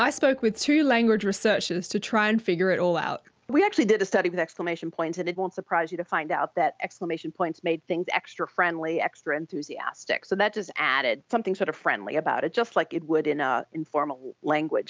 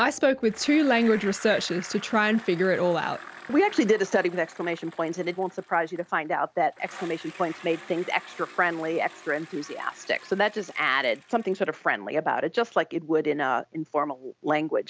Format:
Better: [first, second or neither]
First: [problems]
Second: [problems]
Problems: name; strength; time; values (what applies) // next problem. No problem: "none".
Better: first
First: none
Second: background sound (Bicycle); 20 dB below the speech